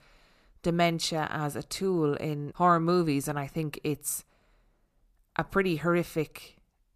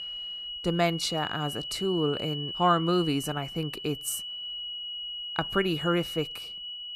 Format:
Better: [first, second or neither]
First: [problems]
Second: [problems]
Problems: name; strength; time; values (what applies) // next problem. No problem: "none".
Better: first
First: none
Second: high-pitched whine; loud; throughout; 3 kHz, 6 dB below the speech